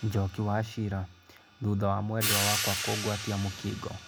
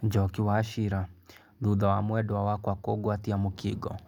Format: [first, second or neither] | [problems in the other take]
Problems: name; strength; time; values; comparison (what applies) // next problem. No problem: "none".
second | background sound (Hi-hat); 4 dB below the speech